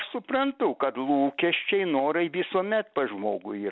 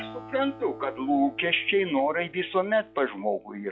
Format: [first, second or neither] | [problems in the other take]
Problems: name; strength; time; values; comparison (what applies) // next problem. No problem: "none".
first | noise reduction (classical method log-MMSE)